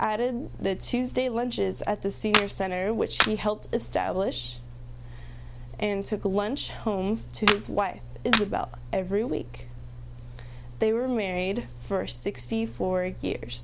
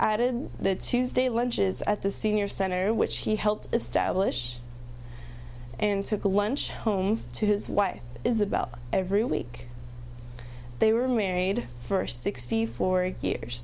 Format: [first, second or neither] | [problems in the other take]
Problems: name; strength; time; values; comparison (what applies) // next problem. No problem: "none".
second | background sound (Clapping); 2 dB below the speech